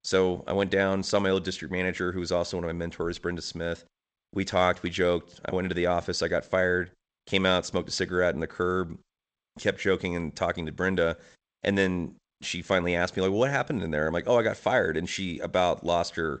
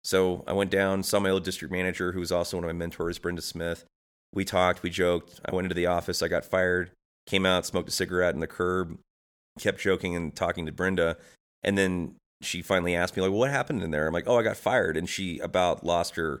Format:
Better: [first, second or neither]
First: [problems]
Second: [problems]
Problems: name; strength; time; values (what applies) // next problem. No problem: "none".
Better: second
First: garbled, watery; slightly; nothing above 8 kHz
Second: none